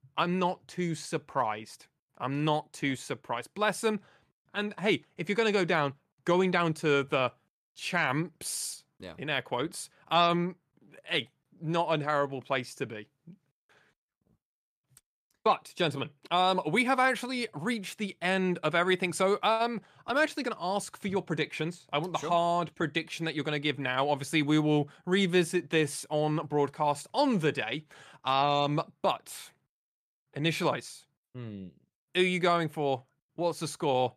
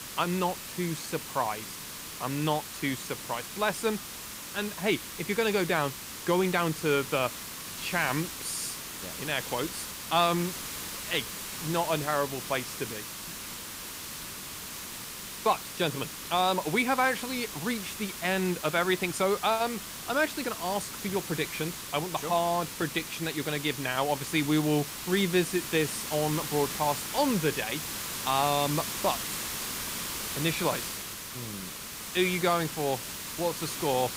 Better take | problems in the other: first | hiss; loud; throughout; 6 dB below the speech

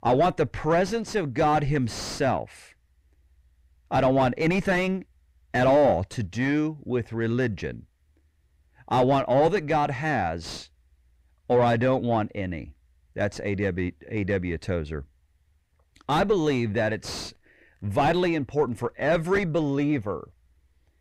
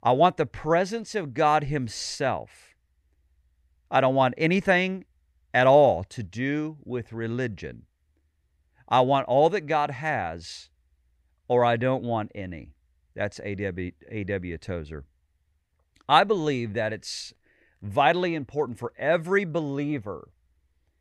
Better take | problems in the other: second | distortion; heavy; 4 dB below the speech

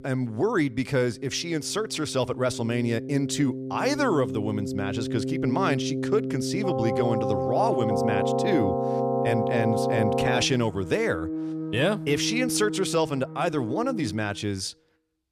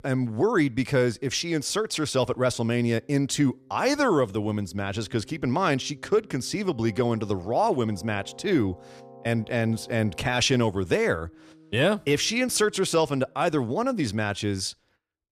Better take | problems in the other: second | background music; loud; throughout; 2 dB below the speech; faint in the second

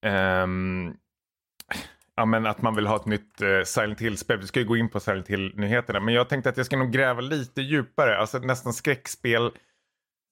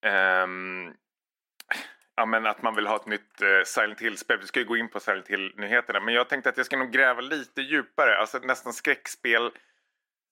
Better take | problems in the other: first | thin; somewhat; fading below 250 Hz

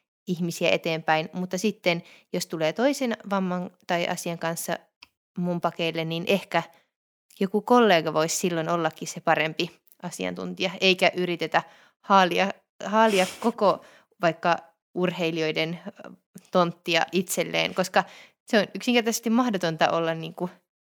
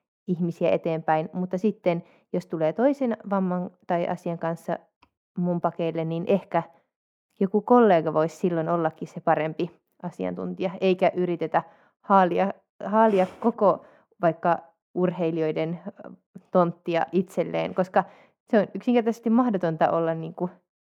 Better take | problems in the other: first | muffled; very; fading above 2 kHz

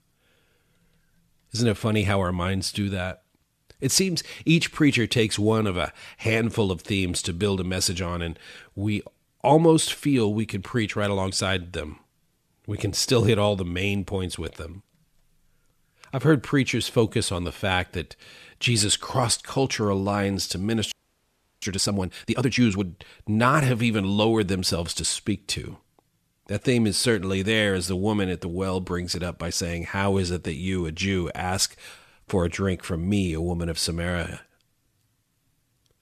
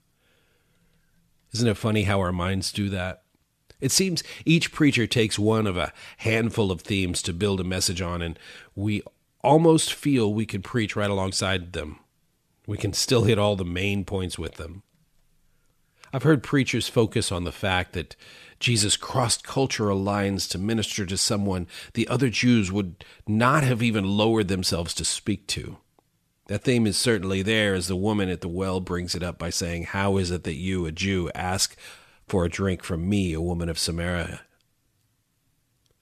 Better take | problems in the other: second | audio freezing; at 21 s for 0.5 s

